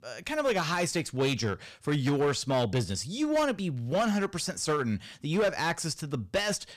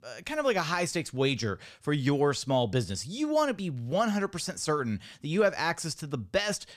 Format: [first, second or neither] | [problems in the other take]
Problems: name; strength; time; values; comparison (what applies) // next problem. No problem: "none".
second | distortion; slight; 8% of the sound clipped